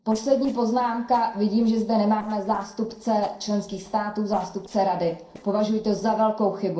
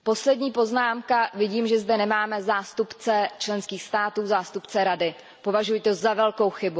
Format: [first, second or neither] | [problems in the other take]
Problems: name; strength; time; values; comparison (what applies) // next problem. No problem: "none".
second | noise reduction (neural separator model SepFormer DNS4)